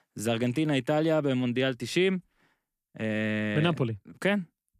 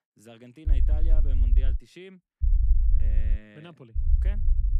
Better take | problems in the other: first | low rumble; loud; from 0.5 to 2 s, at 2.5 s and at 4 s; 1 dB below the speech

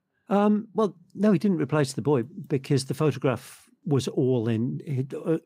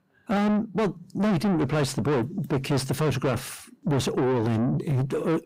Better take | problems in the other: first | distortion; heavy; 5 dB below the speech

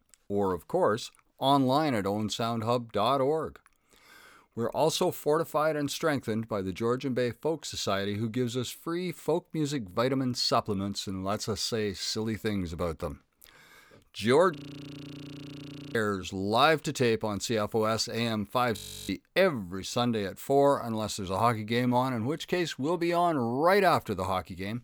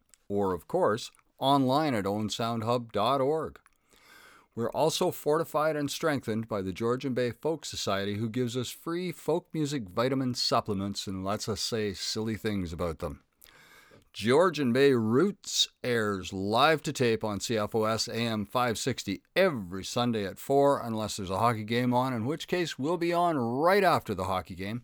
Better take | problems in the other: second | audio freezing; at 15 s for 1.5 s and at 19 s

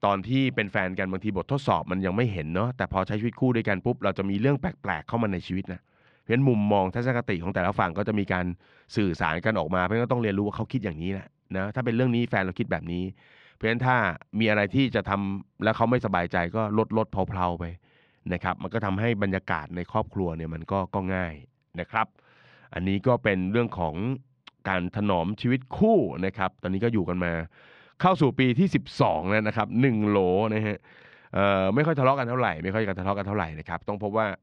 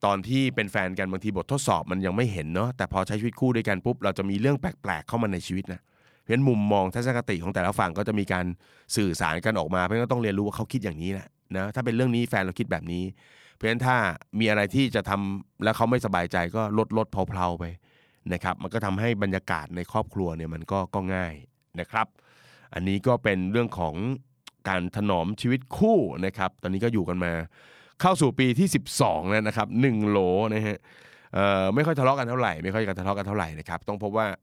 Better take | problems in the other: second | muffled; slightly; fading above 3.5 kHz

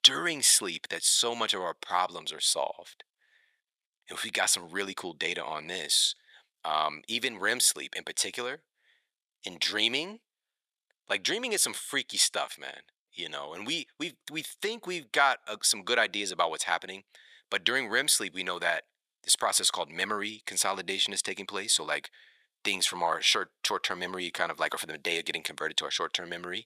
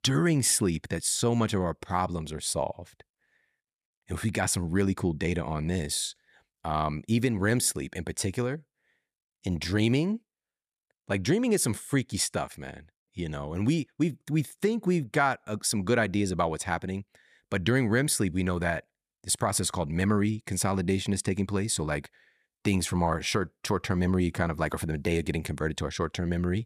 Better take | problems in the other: second | thin; very; fading below 650 Hz

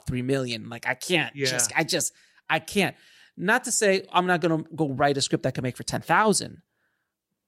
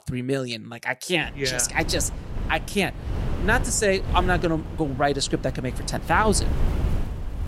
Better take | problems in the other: first | wind noise on the microphone; occasional gusts; from 1 s on; 15 dB below the speech

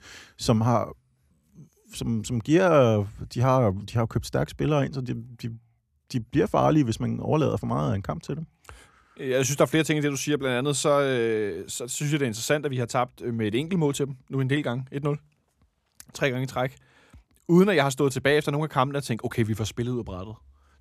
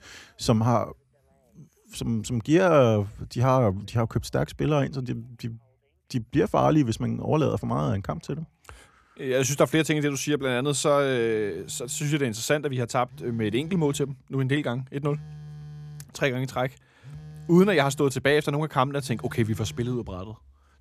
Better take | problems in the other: first | alarms or sirens; noticeable; throughout; 20 dB below the speech

